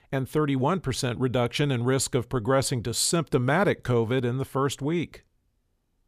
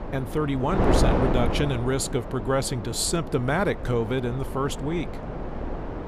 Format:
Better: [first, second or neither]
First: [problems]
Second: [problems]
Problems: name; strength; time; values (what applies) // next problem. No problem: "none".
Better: first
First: none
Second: wind noise on the microphone; heavy; 4 dB below the speech